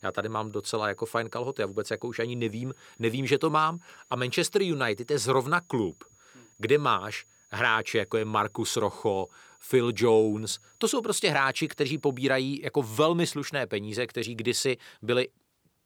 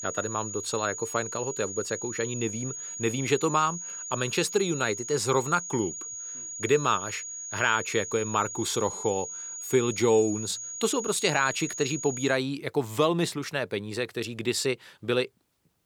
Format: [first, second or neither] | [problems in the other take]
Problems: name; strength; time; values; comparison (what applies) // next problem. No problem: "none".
first | high-pitched whine; loud; until 12 s; 6.5 kHz, 7 dB below the speech; faint in the first